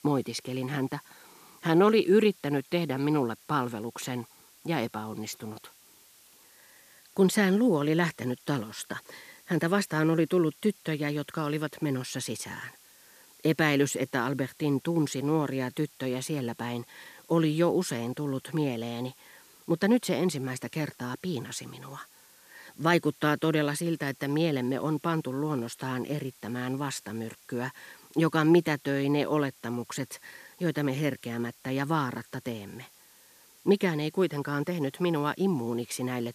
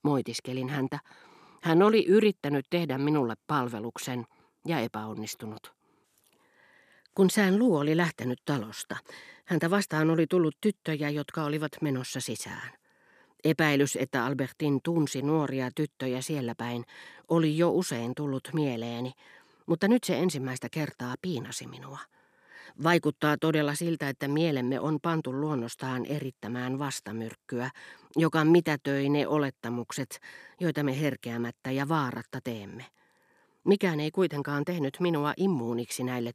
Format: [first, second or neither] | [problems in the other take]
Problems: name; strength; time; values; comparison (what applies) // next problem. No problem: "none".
second | hiss; faint; throughout; 25 dB below the speech